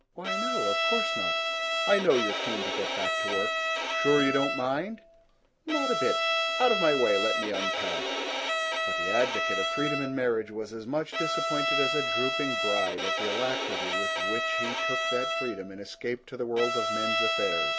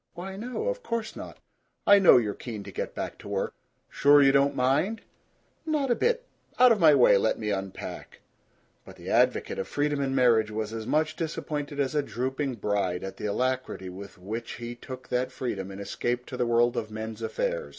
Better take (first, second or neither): second